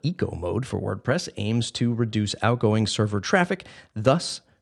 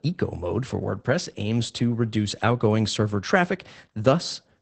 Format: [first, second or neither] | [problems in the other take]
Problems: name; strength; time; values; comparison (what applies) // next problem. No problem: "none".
first | garbled, watery; badly; nothing above 8 kHz